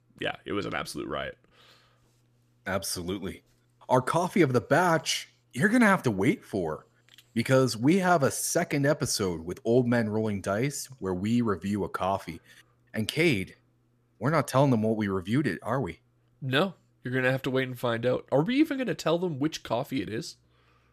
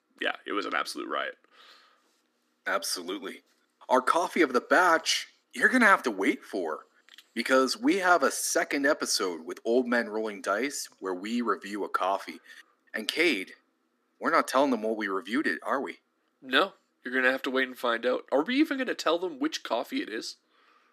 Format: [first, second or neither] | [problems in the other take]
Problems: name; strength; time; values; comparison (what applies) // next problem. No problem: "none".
first | thin; very slightly; fading below 250 Hz